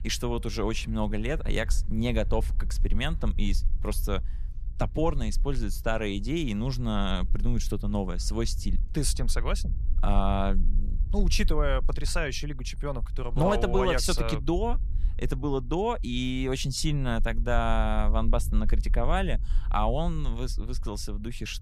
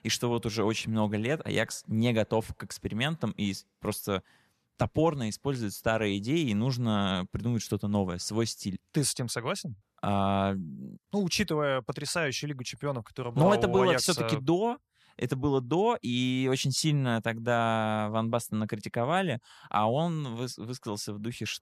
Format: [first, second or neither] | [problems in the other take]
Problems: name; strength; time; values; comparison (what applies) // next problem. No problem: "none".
second | low rumble; faint; throughout; 25 dB below the speech